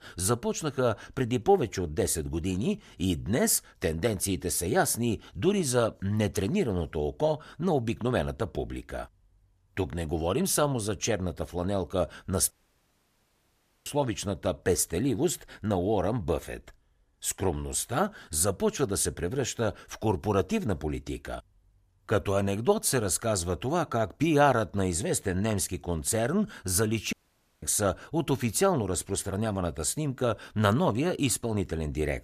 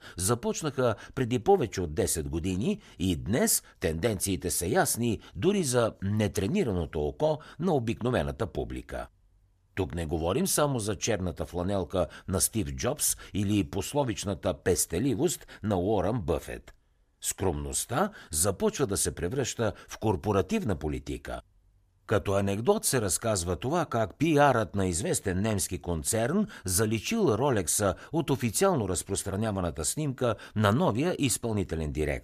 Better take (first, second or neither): second